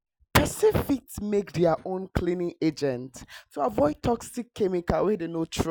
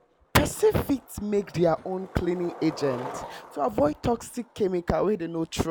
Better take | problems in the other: first | background sound (Skateboard); 17 dB below the speech

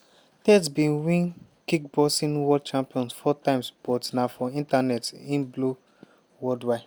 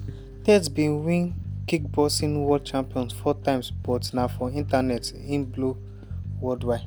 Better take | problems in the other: first | background sound (Bass guitar); 8 dB below the speech

